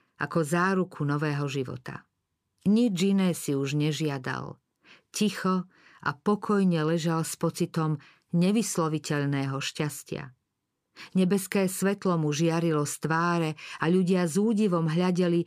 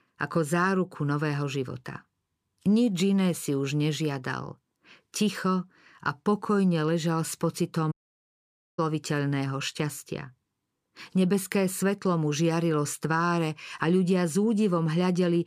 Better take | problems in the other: first | audio cutting out; at 8 s for 1 s

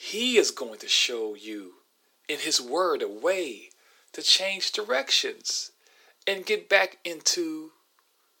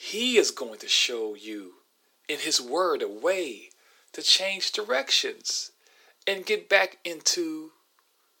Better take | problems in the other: neither | thin; very; fading below 350 Hz; the same in both

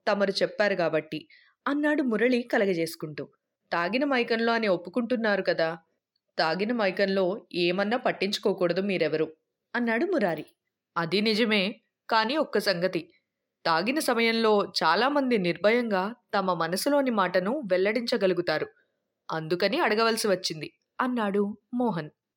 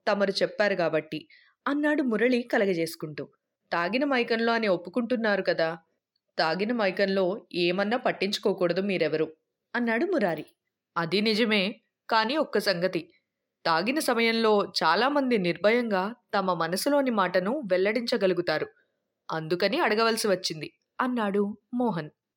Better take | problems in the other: neither | none

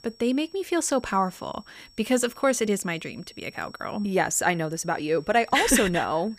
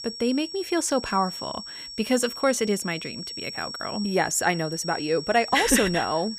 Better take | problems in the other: first | high-pitched whine; loud; throughout; 5.5 kHz, 10 dB below the speech; faint in the first

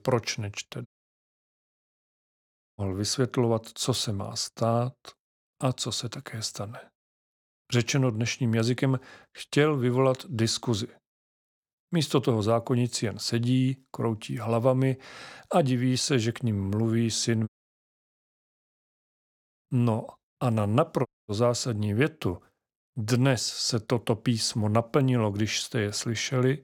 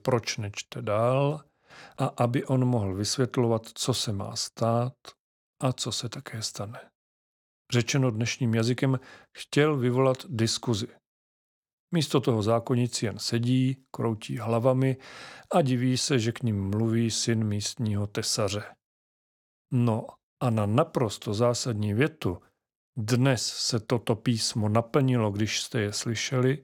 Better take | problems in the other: second | audio cutting out; at 1 s for 2 s, at 17 s for 2 s and at 21 s

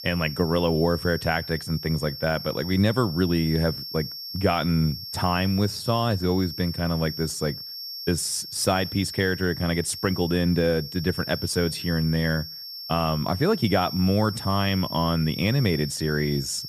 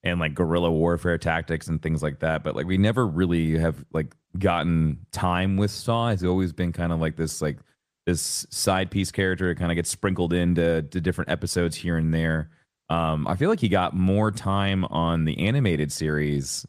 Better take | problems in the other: second | high-pitched whine; loud; throughout; 5.5 kHz, 9 dB below the speech

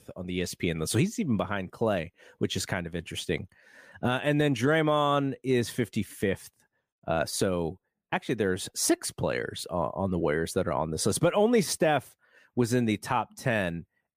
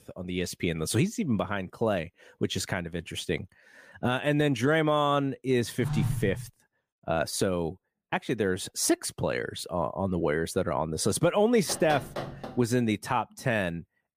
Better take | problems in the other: first | phone ringing; noticeable; at 6 s; peak 1 dB below the speech // door banging; noticeable; at 12 s; peak 7 dB below the speech

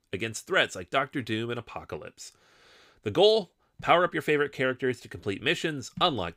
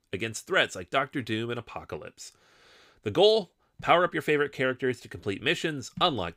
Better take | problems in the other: neither | none

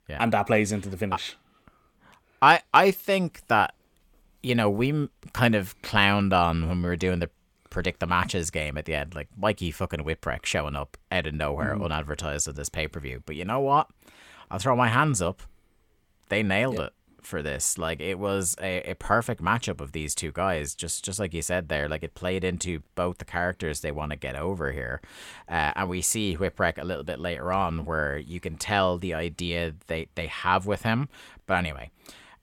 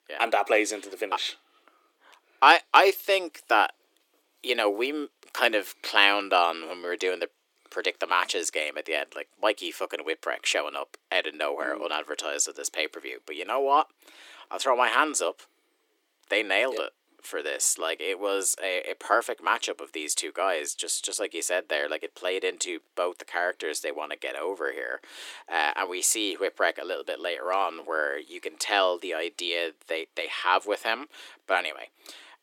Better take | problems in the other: first | thin; very; fading below 300 Hz

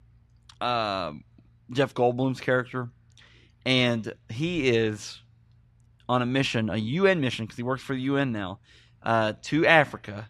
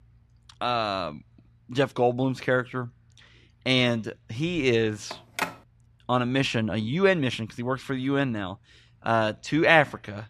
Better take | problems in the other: first | phone ringing; noticeable; at 5 s; peak 6 dB below the speech

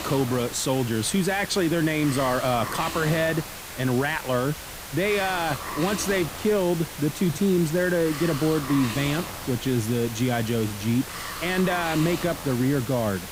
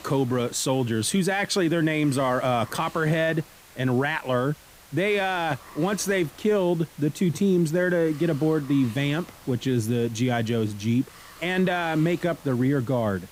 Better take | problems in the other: second | hiss; loud; throughout; 9 dB below the speech; faint in the second

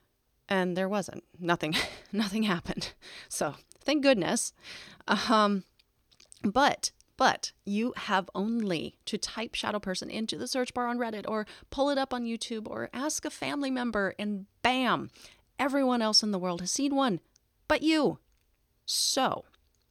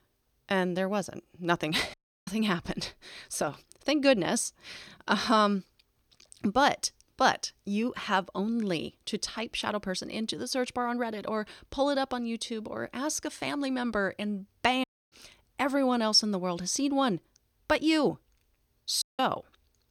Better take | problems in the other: first | audio cutting out; at 2 s, at 15 s and at 19 s

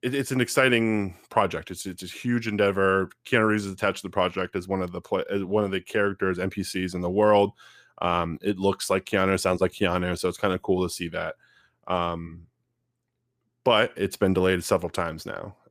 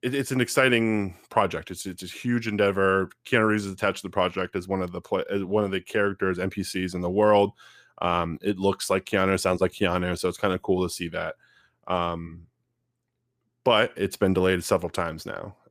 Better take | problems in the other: neither | none

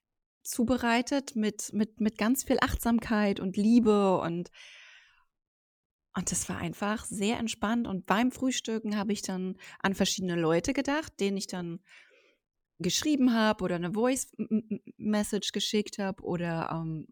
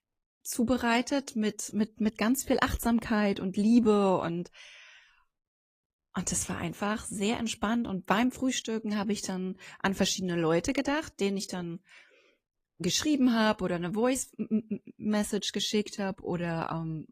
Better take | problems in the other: first | garbled, watery; slightly

